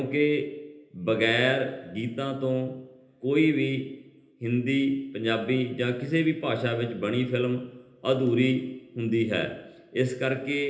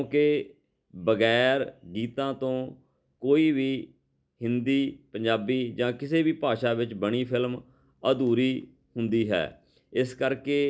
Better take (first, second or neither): second